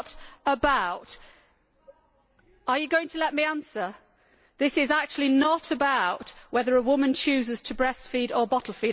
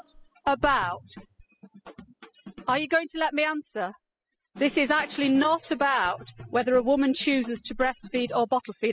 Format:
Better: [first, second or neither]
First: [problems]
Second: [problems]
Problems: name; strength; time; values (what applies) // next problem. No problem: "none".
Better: first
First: none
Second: noise reduction (classical method spectral subtraction)